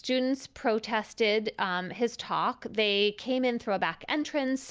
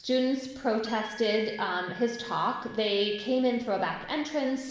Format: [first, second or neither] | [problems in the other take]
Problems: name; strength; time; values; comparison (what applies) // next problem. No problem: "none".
first | background sound (Wind instrument, woodwind instrument); 18 dB below the speech // room echo; dies away in 1.1 s